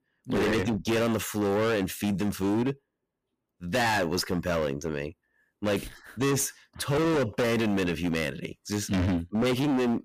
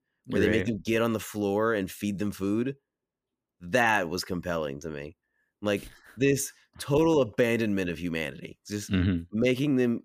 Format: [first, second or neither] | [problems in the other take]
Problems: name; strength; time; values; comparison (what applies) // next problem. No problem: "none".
second | distortion; heavy; 22% of the sound clipped